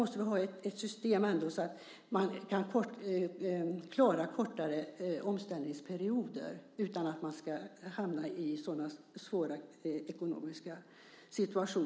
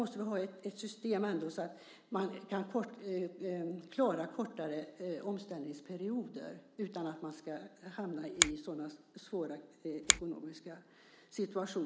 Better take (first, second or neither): first